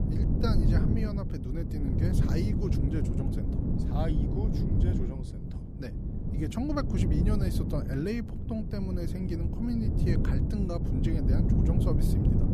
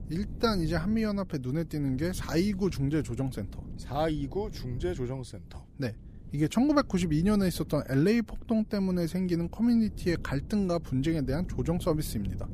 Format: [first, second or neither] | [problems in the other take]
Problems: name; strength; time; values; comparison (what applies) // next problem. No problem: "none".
second | wind noise on the microphone; heavy; as loud as the speech; occasional gusts in the second